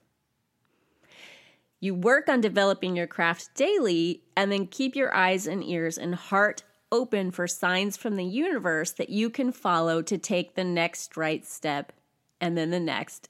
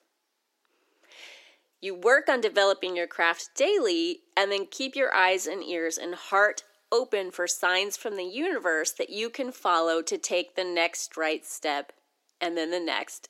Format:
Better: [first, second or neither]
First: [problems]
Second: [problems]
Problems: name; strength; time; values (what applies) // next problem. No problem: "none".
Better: first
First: none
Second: thin; somewhat; fading below 350 Hz